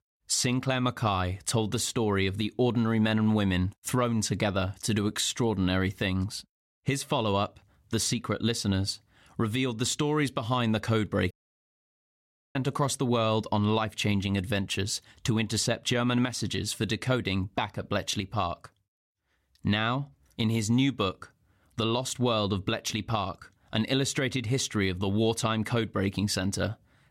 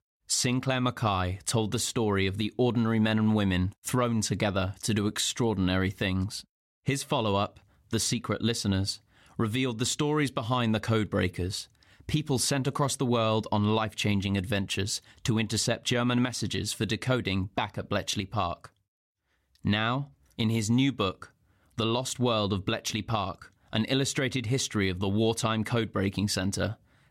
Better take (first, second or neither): second